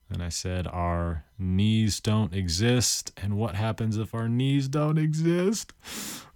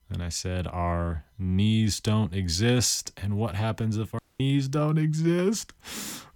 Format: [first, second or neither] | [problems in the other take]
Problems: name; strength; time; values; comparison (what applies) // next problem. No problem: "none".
first | audio cutting out; at 4 s